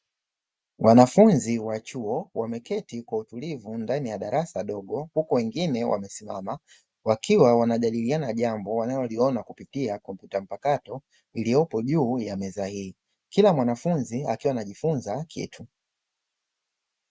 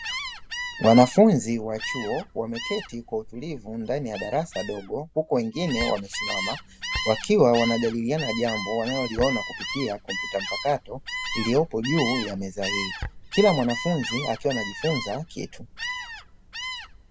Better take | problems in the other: first | background sound (Gull, seagull); 8 dB below the speech

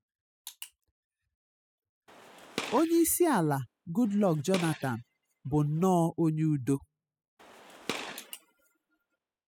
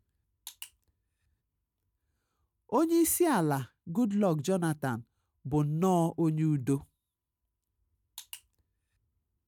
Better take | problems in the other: second | noise reduction (classical method spectral subtraction)

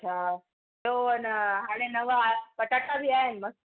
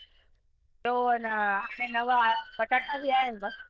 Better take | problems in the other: first | noise reduction (neural diffusion model UNIVERSE++)

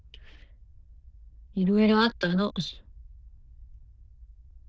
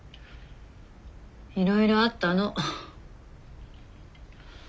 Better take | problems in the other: second | noise reduction (neural diffusion model UNIVERSE++)

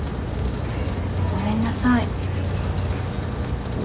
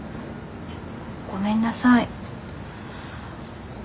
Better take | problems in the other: second | background sound (Rain); 4 dB above the speech

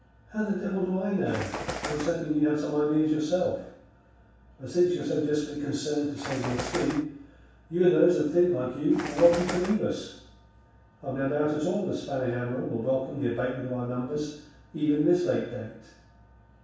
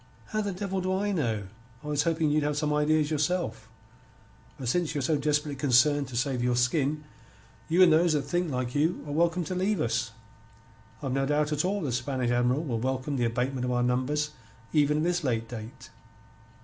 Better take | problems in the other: second | background sound (Bird); 7 dB below the speech // room echo; dies away in 0.7 s

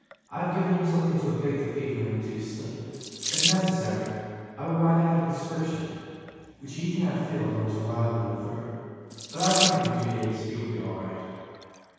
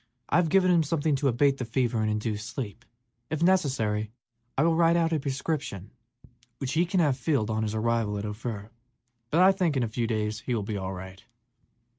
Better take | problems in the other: second | background sound (Sink (filling or washing) / Water tap, faucet); 8 dB below the speech // room echo; dies away in 2.2 s

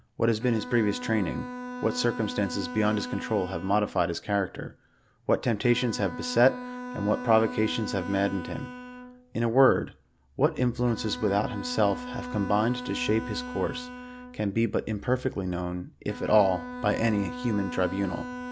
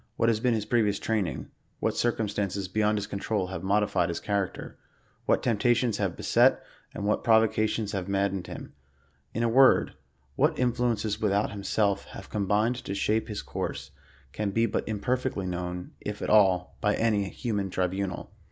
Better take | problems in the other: second | background sound (Bowed string instrument); 11 dB below the speech

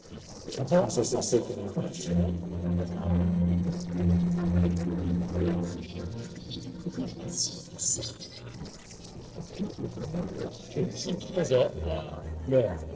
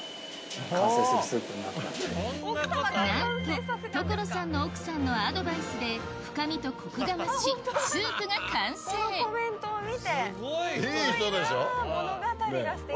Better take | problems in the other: second | noise reduction (neural separator model SepFormer DNS4)

